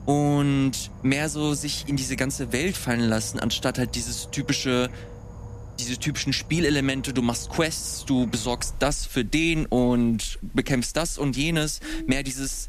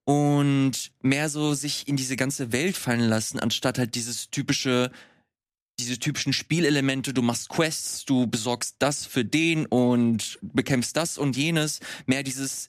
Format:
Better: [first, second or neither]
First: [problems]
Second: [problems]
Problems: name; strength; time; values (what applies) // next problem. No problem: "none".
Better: second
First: animal sounds; noticeable; throughout; 15 dB below the speech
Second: none